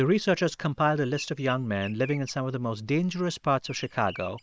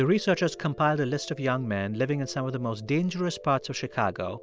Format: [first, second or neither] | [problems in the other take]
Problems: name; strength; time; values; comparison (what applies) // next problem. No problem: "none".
second | noise reduction (neural mask model Resemble Enhance denoiser)